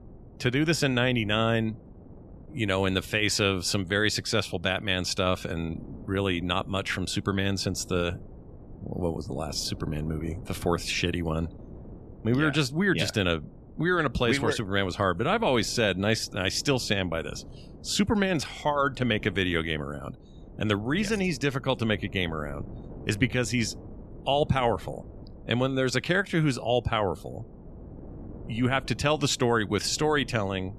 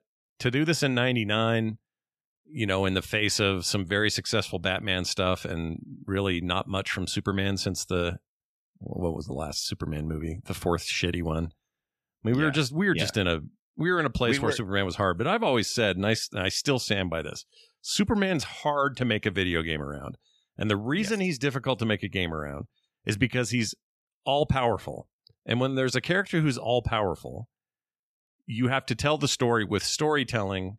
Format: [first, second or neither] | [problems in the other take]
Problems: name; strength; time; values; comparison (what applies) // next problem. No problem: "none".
second | wind noise on the microphone; occasional gusts; 25 dB below the speech